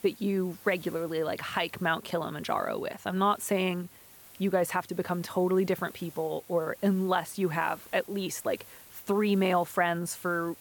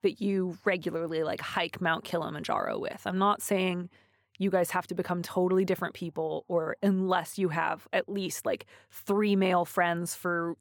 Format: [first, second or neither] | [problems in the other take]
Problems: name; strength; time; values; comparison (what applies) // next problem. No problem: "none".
second | hiss; faint; throughout; 20 dB below the speech